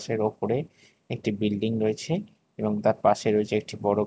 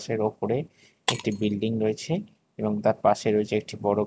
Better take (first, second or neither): first